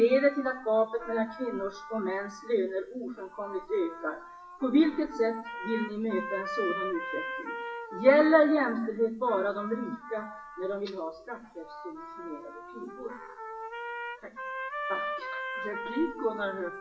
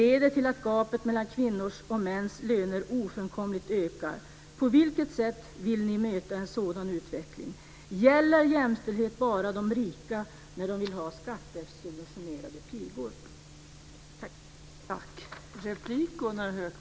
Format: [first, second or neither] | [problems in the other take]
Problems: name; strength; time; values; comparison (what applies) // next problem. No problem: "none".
second | noise reduction (classical method WPE with log-MMSE)